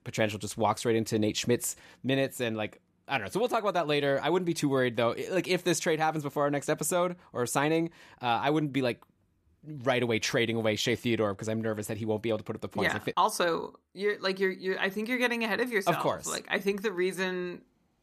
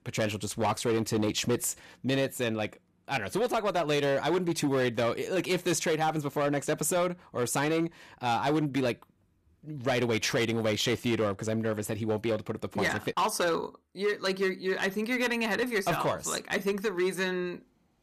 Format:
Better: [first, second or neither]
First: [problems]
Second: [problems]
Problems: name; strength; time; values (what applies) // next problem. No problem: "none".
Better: first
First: none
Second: distortion; slight; 9% of the sound clipped